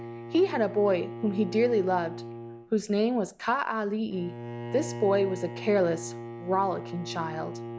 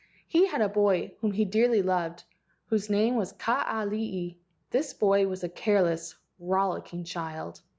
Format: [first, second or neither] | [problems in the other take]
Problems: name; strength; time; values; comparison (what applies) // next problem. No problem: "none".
second | background sound (Bowed string instrument); 11 dB below the speech